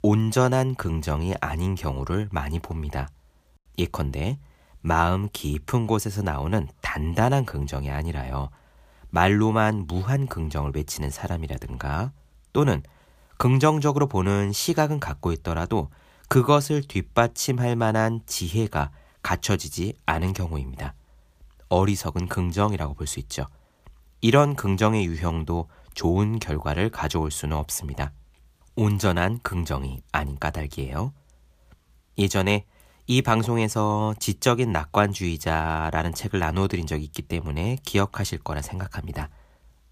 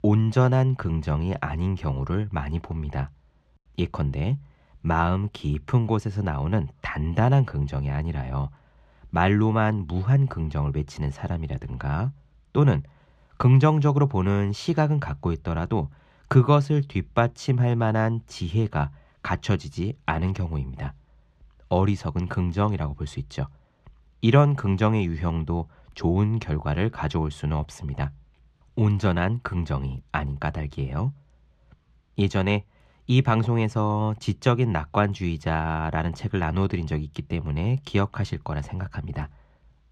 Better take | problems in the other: first | muffled; slightly; fading above 3.5 kHz

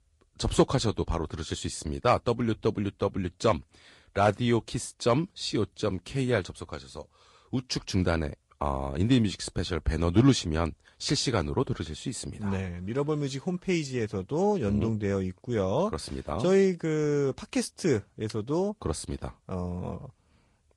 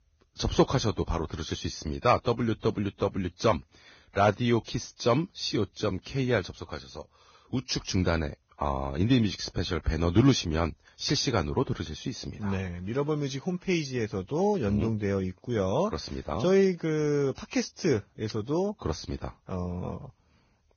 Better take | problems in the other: first | garbled, watery; badly; nothing above 6.5 kHz; slightly in the first

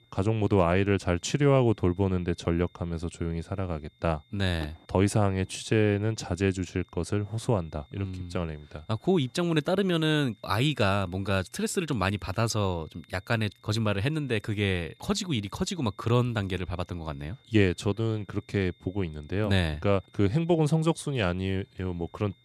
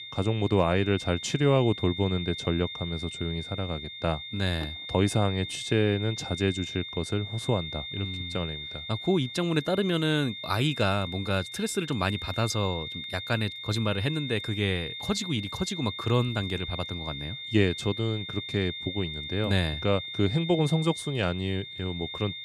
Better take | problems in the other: first | high-pitched whine; loud; throughout; 3.5 kHz, 7 dB below the speech; faint in the first

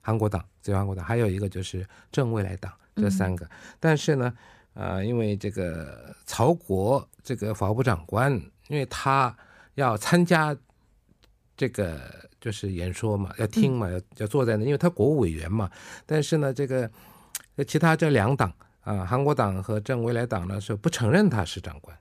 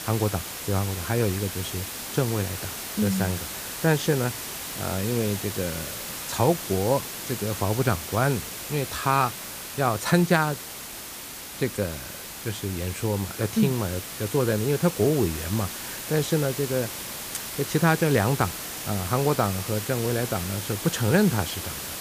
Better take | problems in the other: first | hiss; loud; throughout; 7 dB below the speech

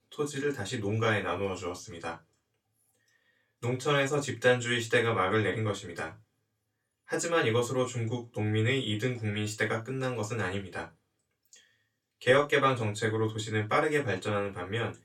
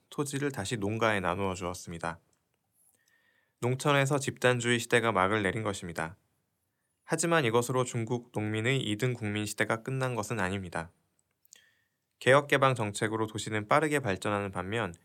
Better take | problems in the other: second | room echo; very slight; dies away in 0.2 s // off-mic speech; far

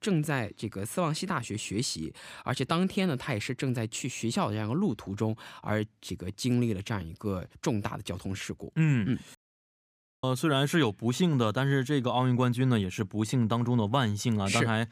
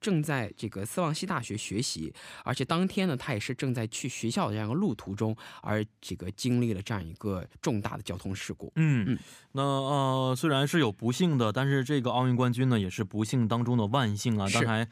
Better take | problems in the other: second | audio cutting out; at 9.5 s for 1 s

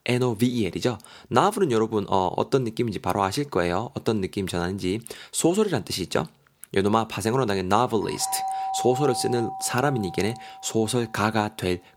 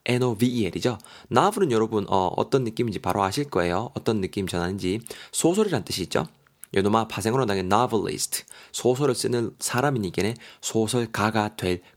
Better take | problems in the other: second | doorbell; noticeable; from 8 to 11 s; peak 3 dB below the speech

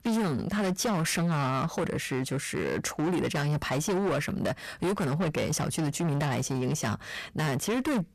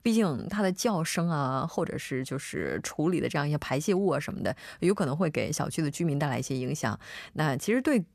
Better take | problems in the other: second | distortion; heavy; 25% of the sound clipped

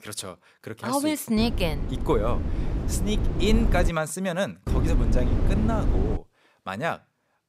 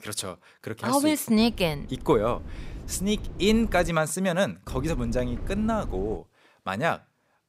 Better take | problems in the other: second | low rumble; loud; from 1.5 to 4 s and from 4.5 to 6 s; 8 dB below the speech; faint in the second

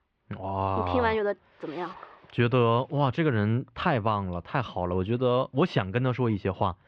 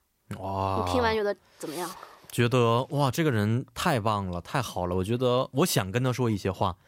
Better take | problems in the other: second | muffled; very; fading above 3 kHz

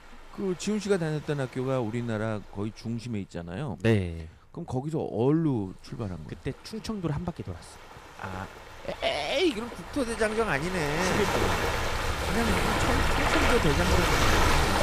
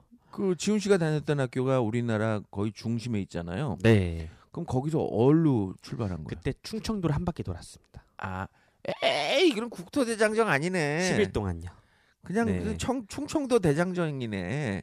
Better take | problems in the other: second | rain or running water; very loud; throughout; 3 dB above the speech

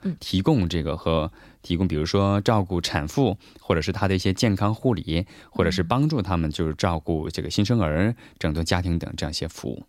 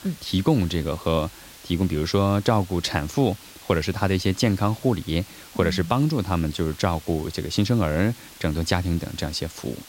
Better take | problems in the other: first | hiss; noticeable; throughout; 20 dB below the speech

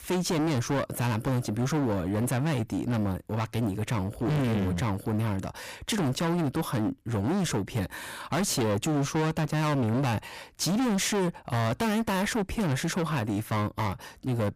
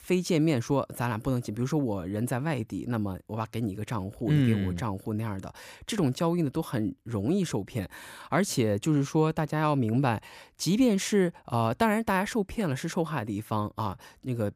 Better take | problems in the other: second | distortion; heavy; 27% of the sound clipped

